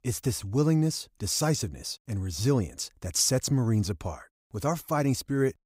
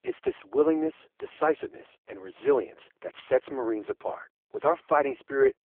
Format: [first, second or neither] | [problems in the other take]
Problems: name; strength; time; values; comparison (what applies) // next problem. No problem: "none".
first | phone-call audio; poor line